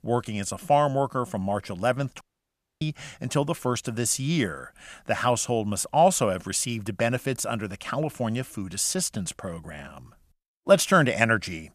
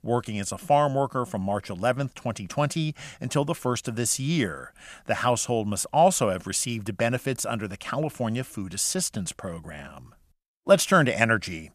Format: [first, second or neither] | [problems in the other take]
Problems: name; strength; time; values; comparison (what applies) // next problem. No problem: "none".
second | audio cutting out; at 2 s for 0.5 s